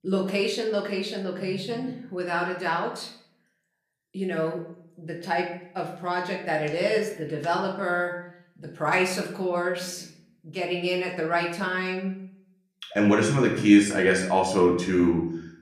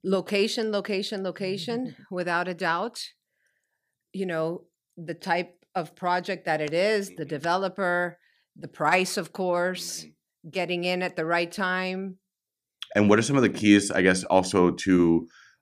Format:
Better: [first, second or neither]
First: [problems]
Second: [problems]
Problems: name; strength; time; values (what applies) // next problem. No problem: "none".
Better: second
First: room echo; slight; dies away in 0.6 s // off-mic speech; somewhat distant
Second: none